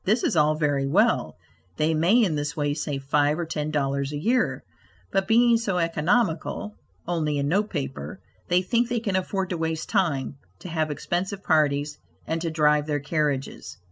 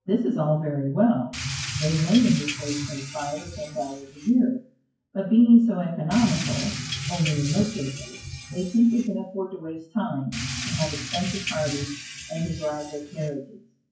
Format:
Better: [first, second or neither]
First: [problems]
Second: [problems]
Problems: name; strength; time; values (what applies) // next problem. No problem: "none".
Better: first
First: none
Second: noise reduction (classical method WPE with log-MMSE)